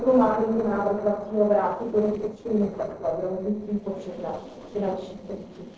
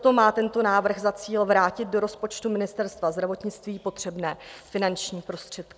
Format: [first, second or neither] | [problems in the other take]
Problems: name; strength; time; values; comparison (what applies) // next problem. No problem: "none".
second | noise reduction (neural separator model SepFormer DNS4)